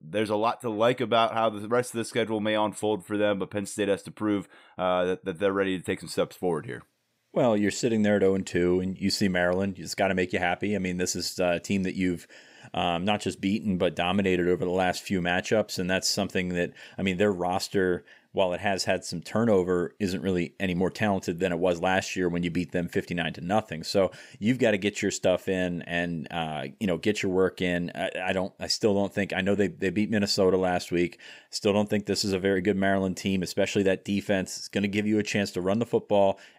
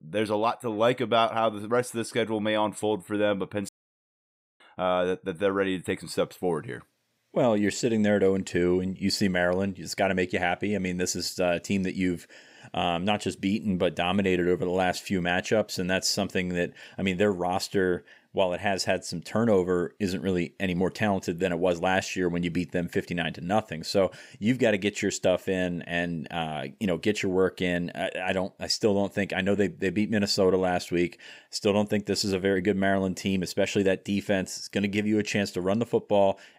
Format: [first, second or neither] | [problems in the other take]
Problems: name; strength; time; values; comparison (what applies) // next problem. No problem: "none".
first | audio cutting out; at 3.5 s for 1 s